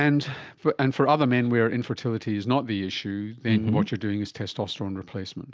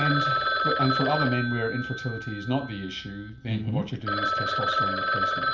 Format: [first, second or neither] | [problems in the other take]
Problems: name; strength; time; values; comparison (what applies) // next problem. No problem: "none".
first | background sound (Telephone); 1 dB above the speech // room echo; dies away in 0.3 s